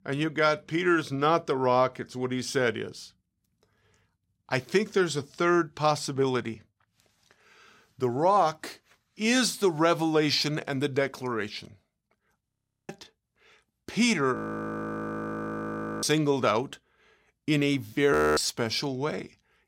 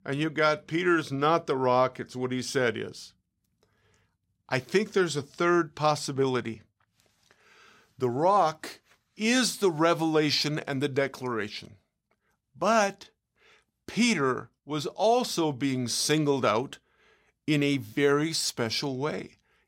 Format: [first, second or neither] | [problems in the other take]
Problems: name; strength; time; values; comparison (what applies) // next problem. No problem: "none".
second | audio freezing; at 12 s, at 14 s for 1.5 s and at 18 s